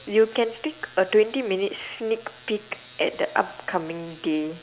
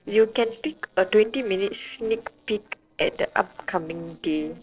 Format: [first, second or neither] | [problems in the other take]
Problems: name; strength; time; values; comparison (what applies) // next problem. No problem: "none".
first | noise reduction (neural separator model SepFormer DNS4)